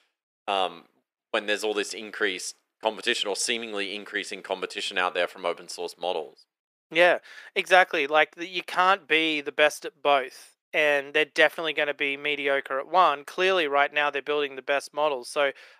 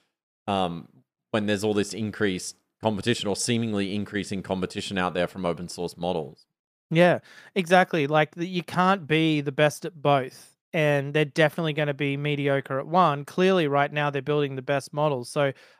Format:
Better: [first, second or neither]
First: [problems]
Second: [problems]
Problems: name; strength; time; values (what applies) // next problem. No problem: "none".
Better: second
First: thin; very; fading below 400 Hz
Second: none